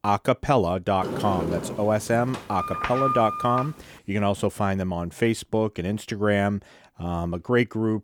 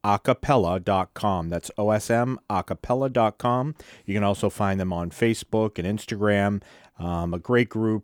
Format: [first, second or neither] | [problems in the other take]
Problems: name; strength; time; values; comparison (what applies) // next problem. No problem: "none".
second | door banging; loud; from 1 to 3.5 s; peak level with the speech